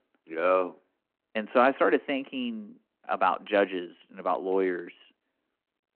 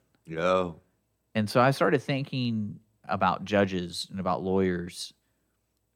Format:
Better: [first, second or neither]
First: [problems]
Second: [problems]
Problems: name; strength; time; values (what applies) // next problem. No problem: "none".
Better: second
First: phone-call audio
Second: none